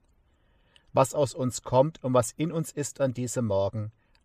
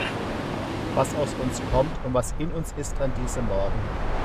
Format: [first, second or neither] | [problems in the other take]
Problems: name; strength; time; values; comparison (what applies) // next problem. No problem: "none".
first | train or aircraft noise; loud; throughout; 3 dB below the speech